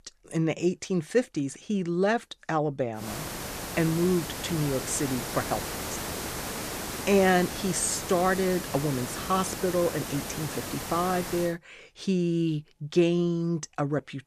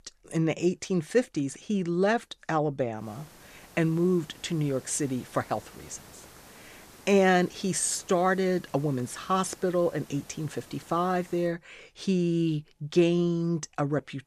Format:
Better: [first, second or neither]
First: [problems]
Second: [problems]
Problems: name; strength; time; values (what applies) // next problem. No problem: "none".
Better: second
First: hiss; loud; from 3 to 11 s; 6 dB below the speech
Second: hiss; faint; from 3 to 11 s; 25 dB below the speech